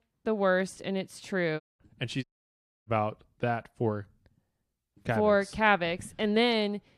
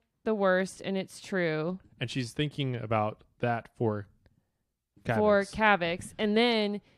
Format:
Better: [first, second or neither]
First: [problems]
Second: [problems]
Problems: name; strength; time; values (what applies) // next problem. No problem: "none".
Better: second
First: audio cutting out; at 1.5 s and at 2 s for 0.5 s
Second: none